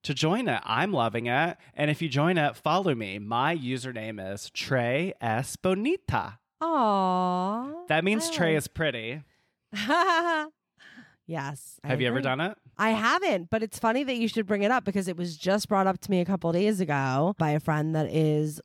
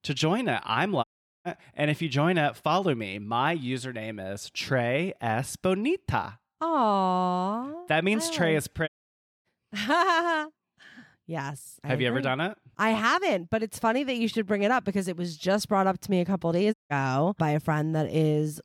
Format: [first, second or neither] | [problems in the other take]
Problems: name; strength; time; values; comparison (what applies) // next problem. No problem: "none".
first | audio cutting out; at 1 s, at 9 s for 0.5 s and at 17 s